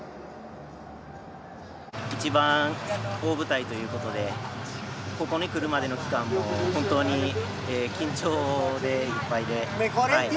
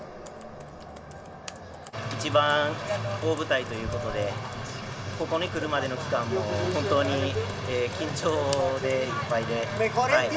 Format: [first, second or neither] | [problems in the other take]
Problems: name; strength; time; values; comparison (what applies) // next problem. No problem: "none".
first | background sound (Computer keyboard); 20 dB below the speech // room echo; dies away in 0.6 s